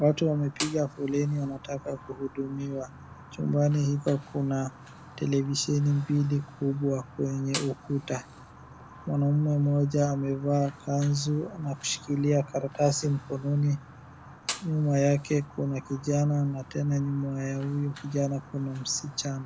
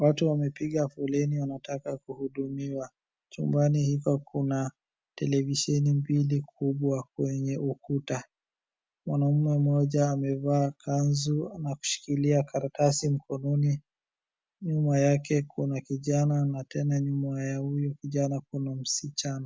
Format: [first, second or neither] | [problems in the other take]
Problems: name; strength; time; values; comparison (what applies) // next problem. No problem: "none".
second | background sound (Fire); 17 dB below the speech